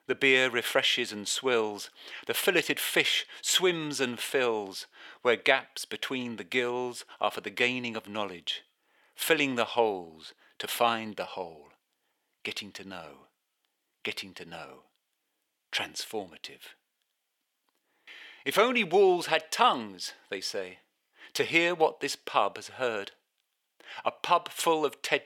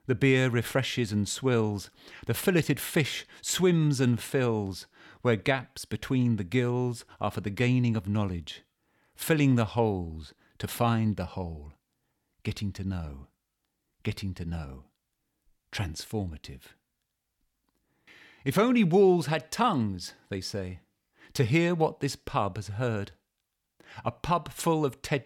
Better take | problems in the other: second | thin; very; fading below 500 Hz

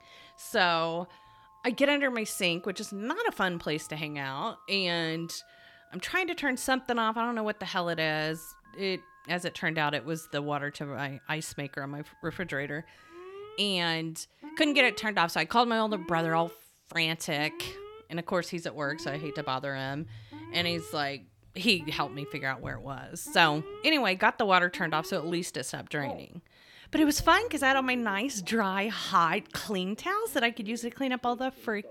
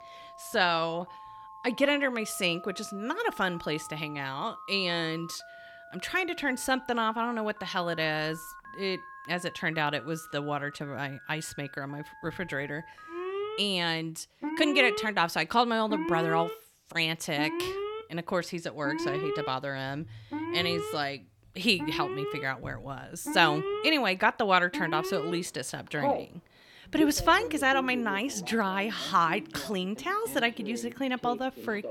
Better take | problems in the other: first | alarms or sirens; loud; throughout; 9 dB below the speech; faint in the first

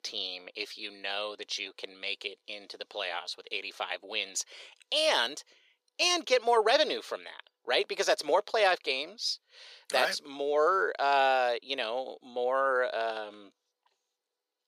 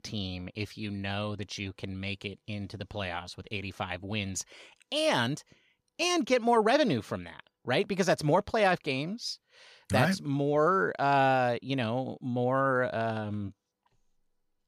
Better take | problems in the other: second | thin; very; fading below 450 Hz

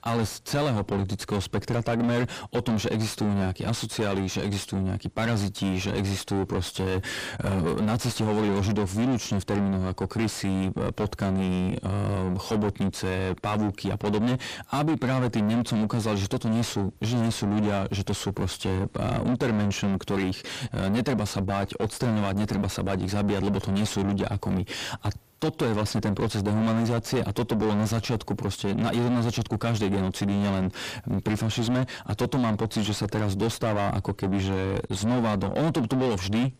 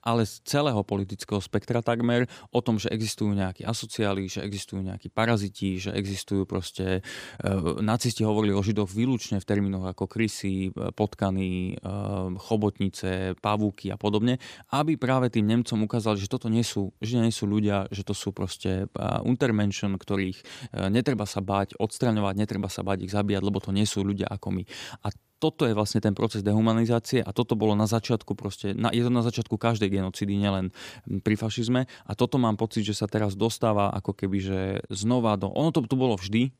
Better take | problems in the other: second | distortion; heavy; 5 dB below the speech

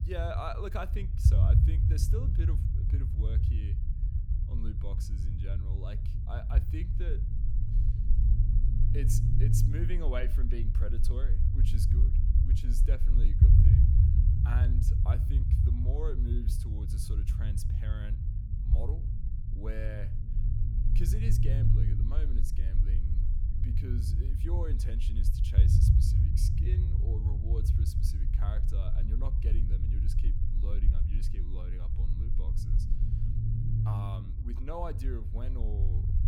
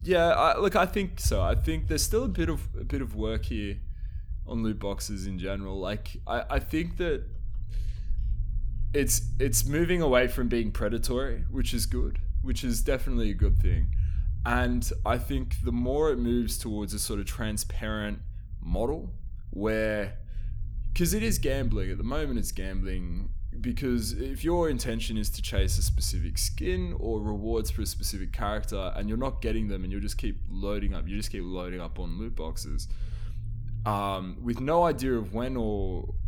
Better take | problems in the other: second | low rumble; loud; throughout; as loud as the speech; faint in the second

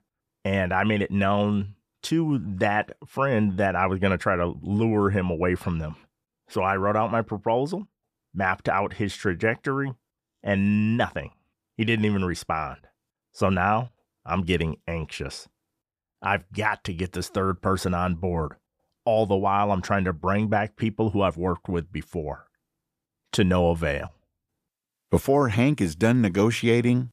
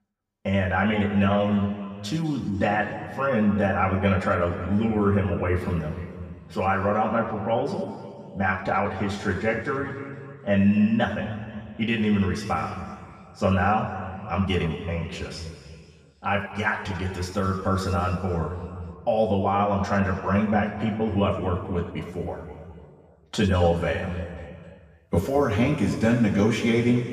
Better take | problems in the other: first | room echo; noticeable; dies away in 2.2 s // off-mic speech; far

